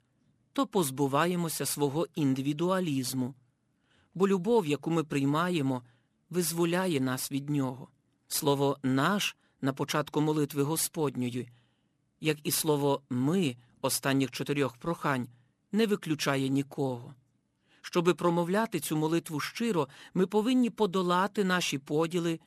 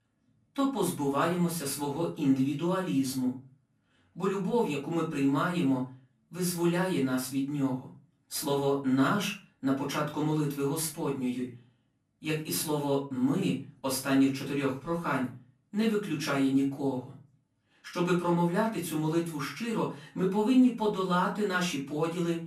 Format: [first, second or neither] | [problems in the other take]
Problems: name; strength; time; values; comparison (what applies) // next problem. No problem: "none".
first | off-mic speech; far // room echo; slight; dies away in 0.3 s